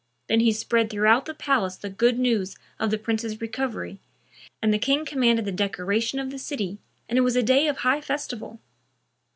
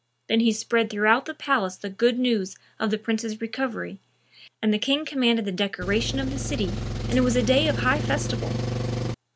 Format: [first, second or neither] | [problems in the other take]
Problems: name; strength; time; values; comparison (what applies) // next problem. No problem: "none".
first | background sound (Engine); 3 dB below the speech